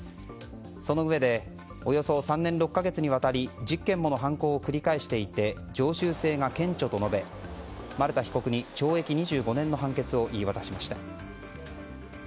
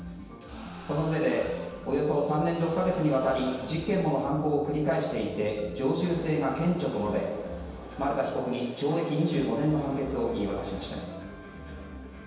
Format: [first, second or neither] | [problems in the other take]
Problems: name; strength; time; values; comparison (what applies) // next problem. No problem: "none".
first | background sound (Crowd); 19 dB below the speech // room echo; dies away in 1.2 s